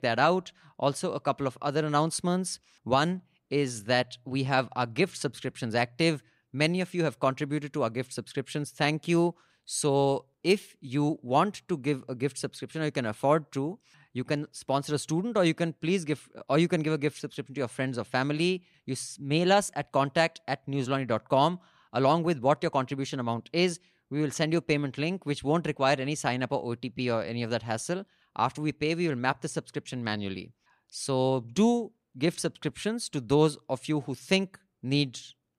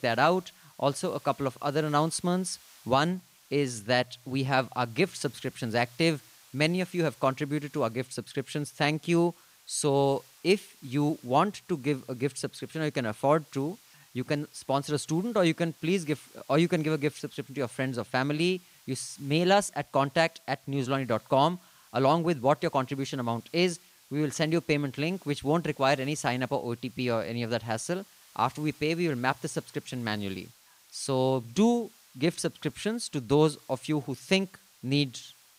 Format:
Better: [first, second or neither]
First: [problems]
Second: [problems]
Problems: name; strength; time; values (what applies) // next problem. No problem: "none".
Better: first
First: none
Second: hiss; faint; throughout; 25 dB below the speech